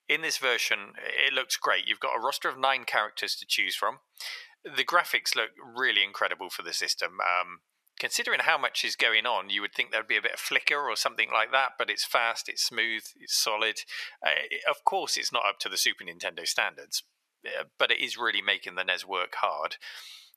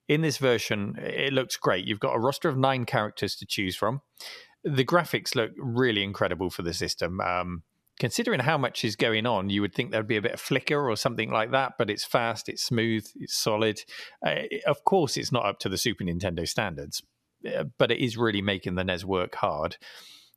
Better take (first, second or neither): second